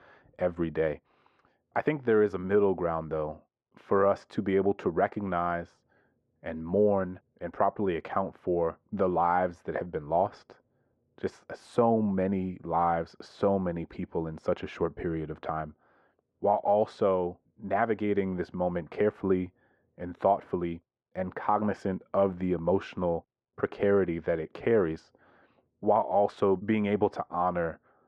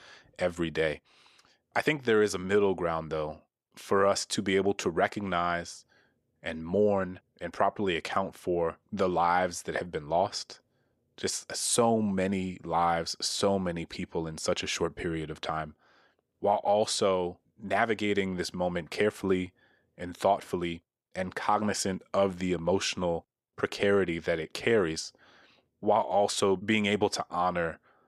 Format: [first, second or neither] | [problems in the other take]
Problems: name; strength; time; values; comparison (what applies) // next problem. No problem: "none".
second | muffled; very; fading above 3.5 kHz